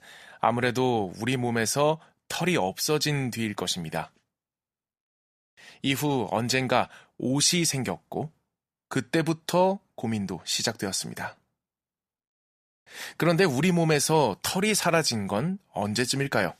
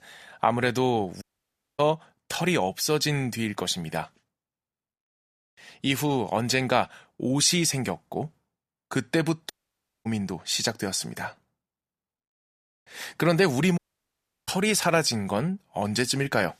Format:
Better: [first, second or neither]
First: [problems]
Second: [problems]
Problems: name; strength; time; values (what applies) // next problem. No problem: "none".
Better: first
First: none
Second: audio cutting out; at 1 s for 0.5 s, at 9.5 s for 0.5 s and at 14 s for 0.5 s